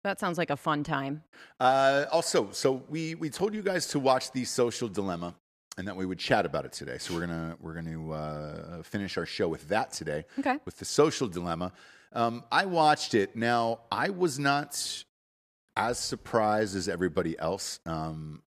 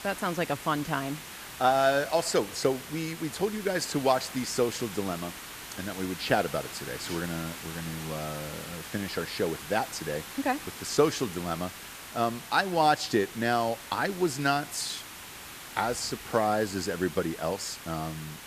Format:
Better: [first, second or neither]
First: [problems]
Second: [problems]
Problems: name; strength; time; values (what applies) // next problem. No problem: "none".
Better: first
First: none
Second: hiss; noticeable; throughout; 10 dB below the speech